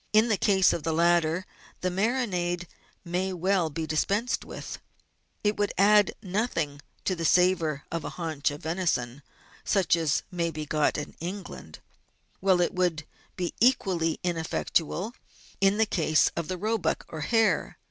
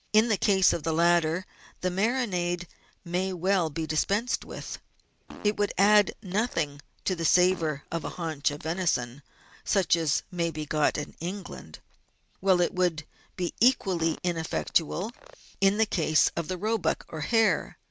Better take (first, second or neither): first